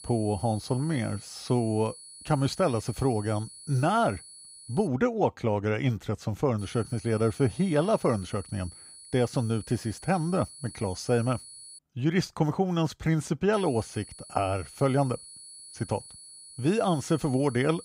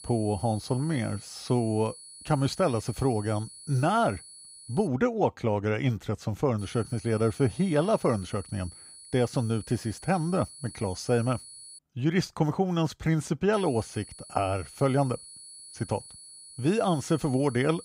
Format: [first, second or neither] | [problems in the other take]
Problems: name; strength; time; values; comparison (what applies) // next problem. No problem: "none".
neither | high-pitched whine; noticeable; until 5 s, from 6.5 to 12 s and from 14 s on; 10.5 kHz, 15 dB below the speech; the same in both